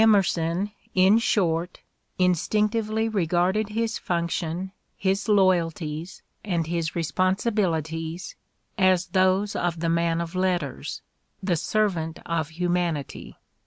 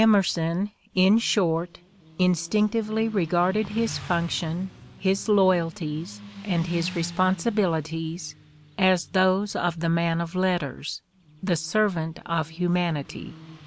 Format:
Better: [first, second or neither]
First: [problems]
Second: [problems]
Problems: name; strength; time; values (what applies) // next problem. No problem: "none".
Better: first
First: none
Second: background sound (Motorcycle); 19 dB below the speech